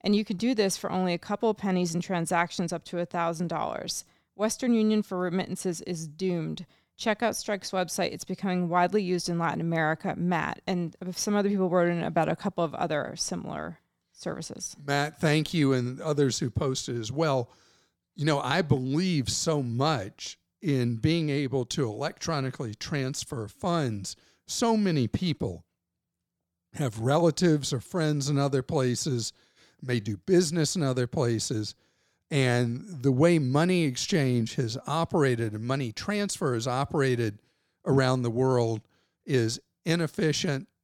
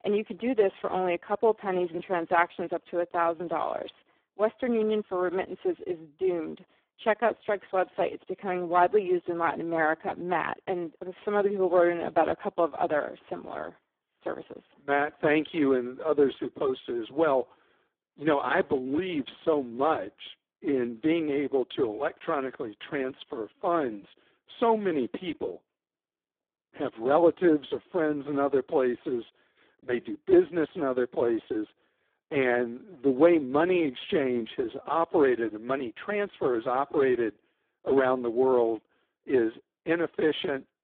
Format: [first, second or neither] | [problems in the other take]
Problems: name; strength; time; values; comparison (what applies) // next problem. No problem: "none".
first | phone-call audio; poor line